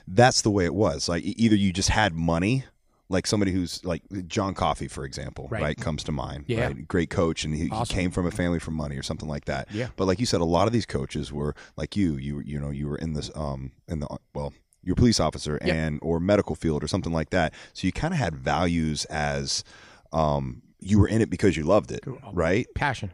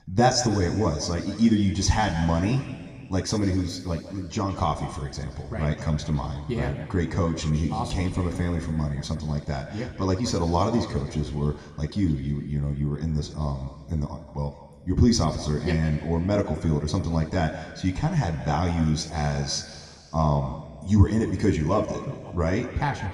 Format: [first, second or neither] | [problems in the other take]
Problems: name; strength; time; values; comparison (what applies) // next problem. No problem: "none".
first | room echo; slight; dies away in 1.9 s